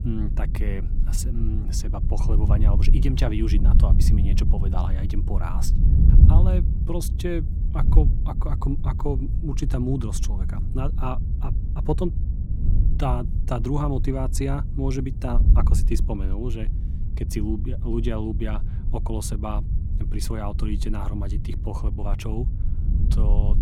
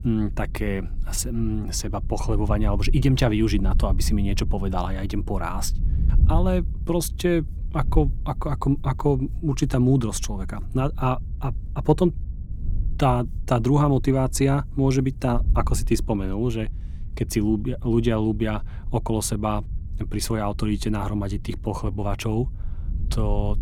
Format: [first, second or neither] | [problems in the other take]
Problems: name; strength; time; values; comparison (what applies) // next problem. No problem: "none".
second | wind noise on the microphone; heavy; 7 dB below the speech; occasional gusts in the second